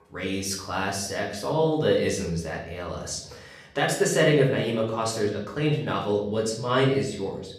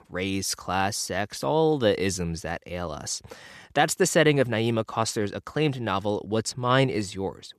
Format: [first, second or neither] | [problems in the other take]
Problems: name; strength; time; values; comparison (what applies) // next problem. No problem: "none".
second | room echo; noticeable; dies away in 0.6 s // off-mic speech; far